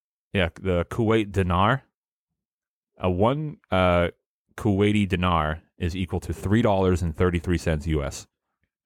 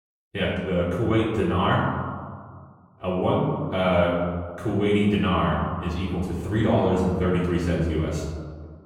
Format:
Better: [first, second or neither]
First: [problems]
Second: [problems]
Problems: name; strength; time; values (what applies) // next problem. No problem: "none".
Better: first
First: none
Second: off-mic speech; far // room echo; noticeable; dies away in 1.6 s